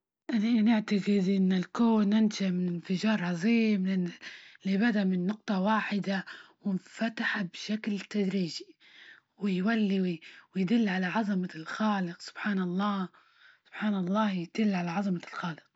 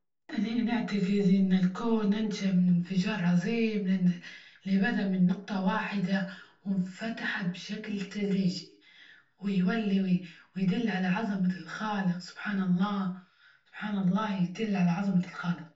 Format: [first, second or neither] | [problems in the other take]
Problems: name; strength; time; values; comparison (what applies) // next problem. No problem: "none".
first | room echo; dies away in 0.3 s